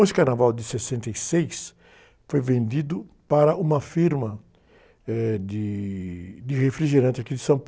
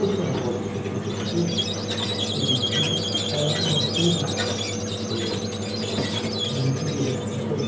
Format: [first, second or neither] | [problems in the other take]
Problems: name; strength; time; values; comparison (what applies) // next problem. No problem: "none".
first | background sound (Squeak); 3 dB above the speech // room echo; dies away in 0.7 s